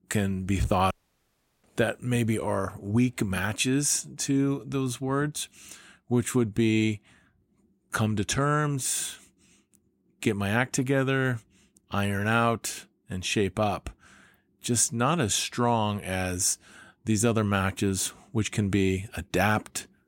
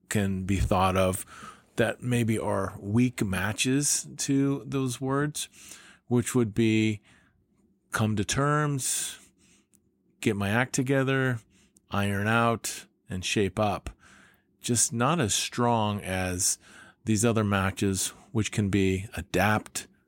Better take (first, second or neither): second